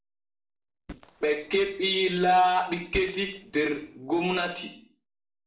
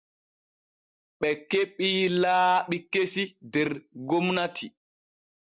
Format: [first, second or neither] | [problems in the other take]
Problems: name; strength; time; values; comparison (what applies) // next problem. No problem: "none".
second | noise reduction (neural separator model SepFormer DNS4)